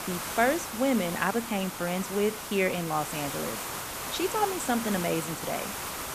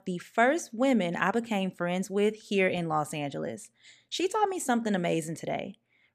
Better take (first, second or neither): second